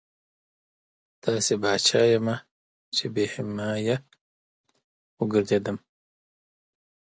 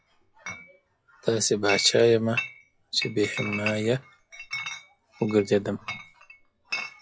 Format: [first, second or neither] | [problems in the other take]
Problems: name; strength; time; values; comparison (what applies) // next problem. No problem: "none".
first | noise reduction (classical method log-MMSE)